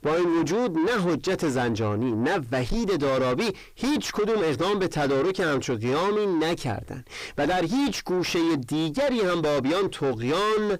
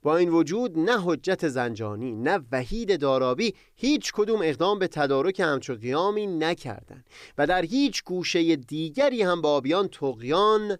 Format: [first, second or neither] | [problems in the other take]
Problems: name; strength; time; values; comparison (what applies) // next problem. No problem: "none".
second | distortion; heavy; 6 dB below the speech